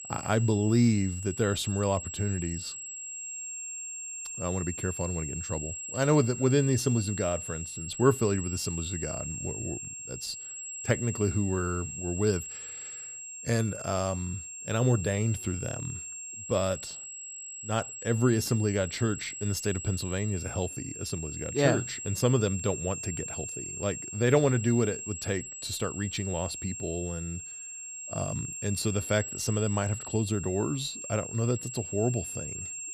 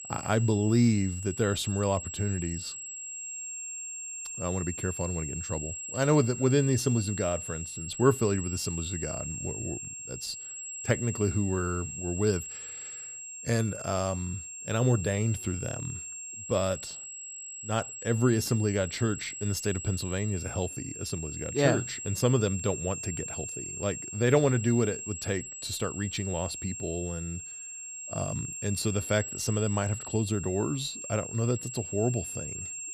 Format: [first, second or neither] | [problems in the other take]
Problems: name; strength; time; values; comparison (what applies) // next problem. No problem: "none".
neither | high-pitched whine; loud; throughout; 7.5 kHz, 7 dB below the speech; the same in both